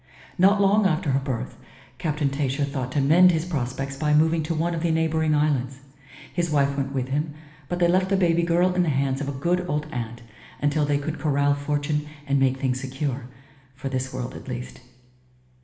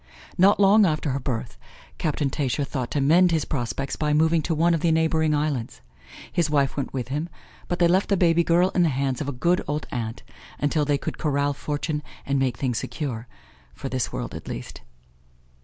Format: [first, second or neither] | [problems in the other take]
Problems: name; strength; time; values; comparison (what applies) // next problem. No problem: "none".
second | room echo; dies away in 1.1 s